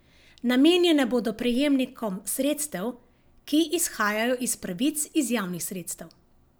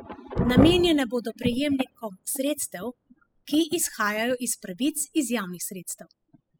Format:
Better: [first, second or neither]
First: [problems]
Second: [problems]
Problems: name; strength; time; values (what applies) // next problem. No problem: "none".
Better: first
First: none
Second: noise reduction (classical method spectral subtraction)